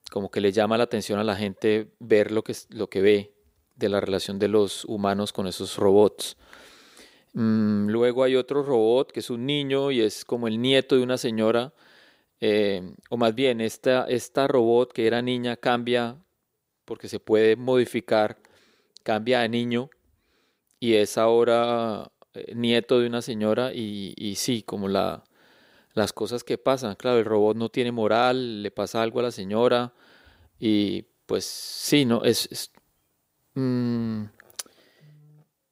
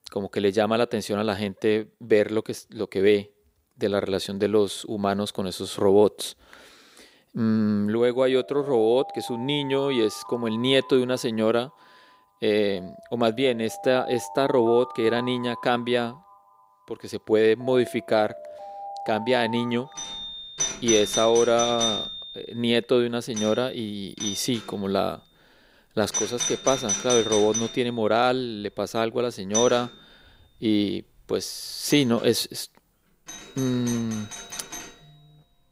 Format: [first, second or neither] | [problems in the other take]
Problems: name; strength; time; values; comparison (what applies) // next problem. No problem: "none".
first | alarms or sirens; loud; from 8.5 s on; 7 dB below the speech